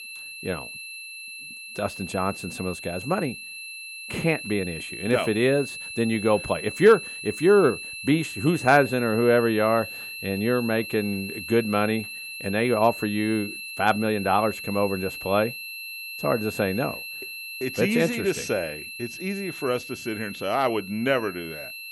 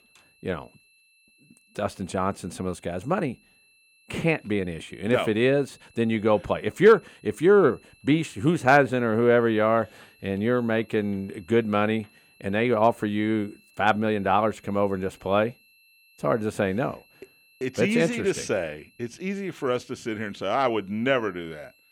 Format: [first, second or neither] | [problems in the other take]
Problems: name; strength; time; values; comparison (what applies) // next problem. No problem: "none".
second | high-pitched whine; loud; throughout; 2.5 kHz, 10 dB below the speech; faint in the second